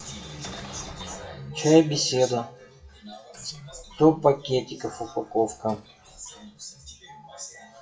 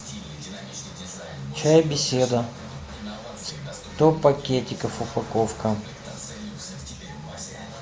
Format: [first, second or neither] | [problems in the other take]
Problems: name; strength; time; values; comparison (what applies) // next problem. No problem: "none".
second | noise reduction (classical method WPE with log-MMSE)